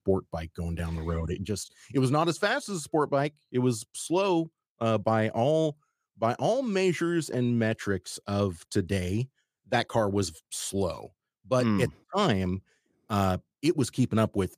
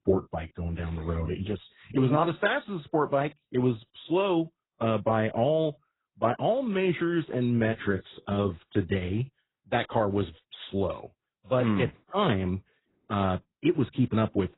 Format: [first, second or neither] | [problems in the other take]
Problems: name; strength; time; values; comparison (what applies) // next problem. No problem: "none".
first | garbled, watery; badly; nothing above 4 kHz